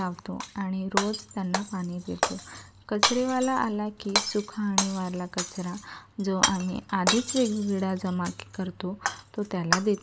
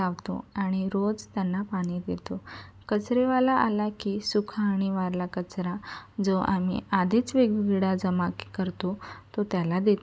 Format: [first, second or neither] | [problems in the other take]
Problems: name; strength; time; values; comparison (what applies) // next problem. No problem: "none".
second | background sound (Shatter); 3 dB below the speech